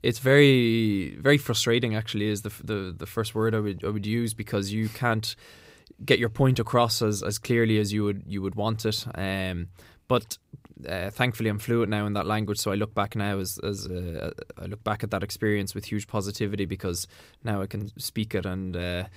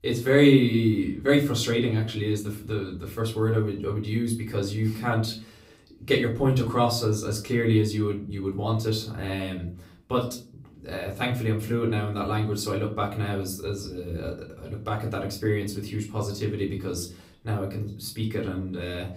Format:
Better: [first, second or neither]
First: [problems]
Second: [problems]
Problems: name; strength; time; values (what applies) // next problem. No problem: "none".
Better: first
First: none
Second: off-mic speech; far // room echo; slight; dies away in 0.4 s